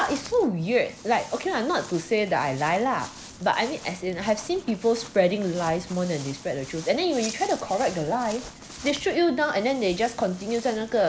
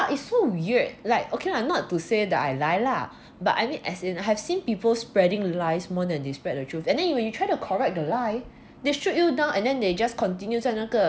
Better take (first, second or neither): second